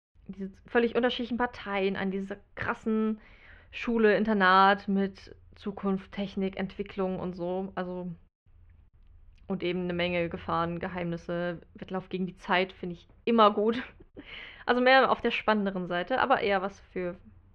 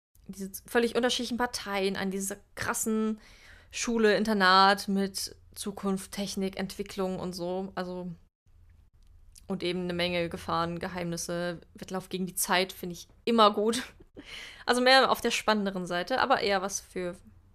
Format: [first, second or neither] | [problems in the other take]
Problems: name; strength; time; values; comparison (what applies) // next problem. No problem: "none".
second | muffled; very; fading above 3 kHz